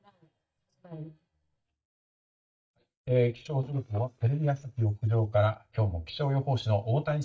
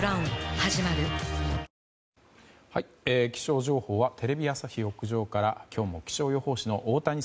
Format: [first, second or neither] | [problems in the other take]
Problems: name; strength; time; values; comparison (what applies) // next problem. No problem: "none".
second | noise reduction (neural mask model DeepFilterNet 3)